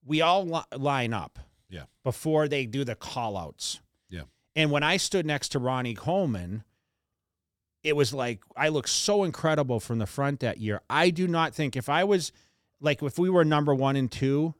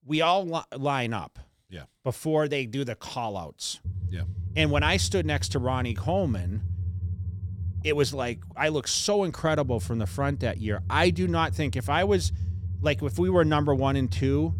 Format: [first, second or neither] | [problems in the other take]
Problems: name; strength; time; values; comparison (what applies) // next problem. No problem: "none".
first | low rumble; faint; from 4 s on; 20 dB below the speech